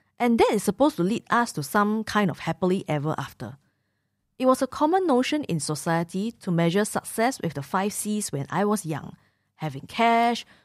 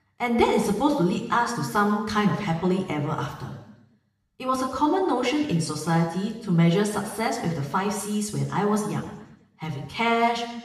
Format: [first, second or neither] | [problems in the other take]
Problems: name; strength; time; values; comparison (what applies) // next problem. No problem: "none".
first | room echo; noticeable; dies away in 0.9 s // off-mic speech; somewhat distant